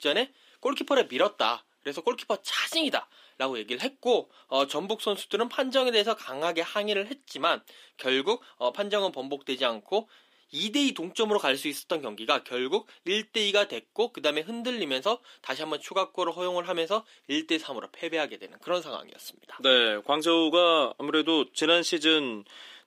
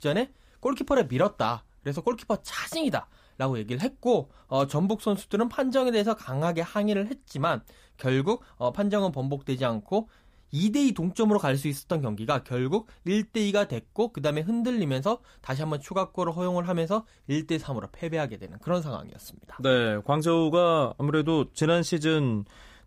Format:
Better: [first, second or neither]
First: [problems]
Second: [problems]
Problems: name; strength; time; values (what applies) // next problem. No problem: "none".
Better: second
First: thin; somewhat; fading below 300 Hz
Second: none